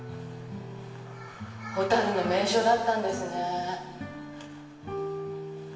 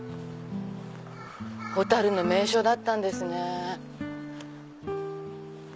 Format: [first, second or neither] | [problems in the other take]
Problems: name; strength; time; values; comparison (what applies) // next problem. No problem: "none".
second | room echo; dies away in 1.4 s